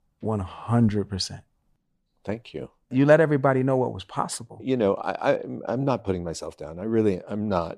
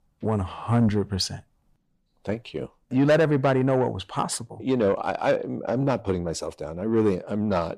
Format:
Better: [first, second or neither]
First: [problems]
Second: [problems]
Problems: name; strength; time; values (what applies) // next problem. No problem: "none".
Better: first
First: none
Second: distortion; slight; 10 dB below the speech